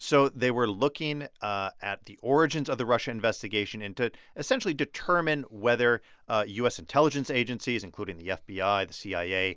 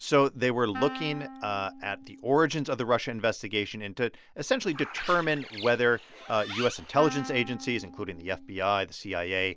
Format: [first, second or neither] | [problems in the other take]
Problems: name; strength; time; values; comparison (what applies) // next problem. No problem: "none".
first | background sound (Wind instrument, woodwind instrument + Bird); 14 dB below the speech